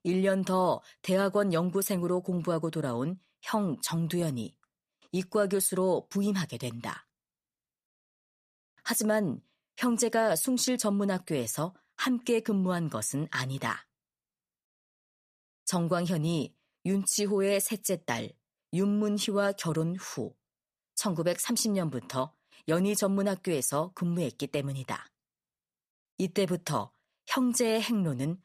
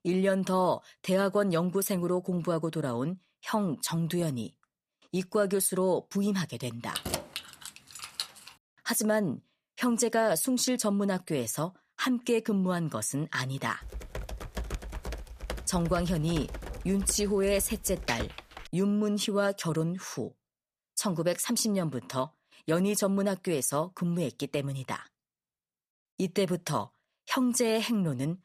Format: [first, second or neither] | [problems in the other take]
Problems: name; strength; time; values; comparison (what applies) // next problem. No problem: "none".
first | jangling keys; noticeable; from 7 to 8.5 s; peak 4 dB below the speech // keyboard typing; noticeable; from 14 to 19 s; peak 6 dB below the speech